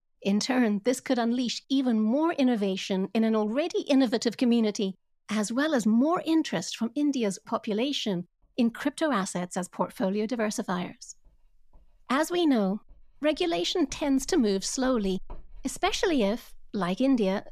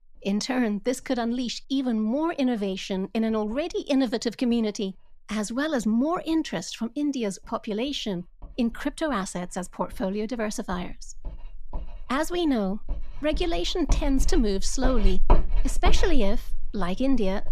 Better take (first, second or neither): first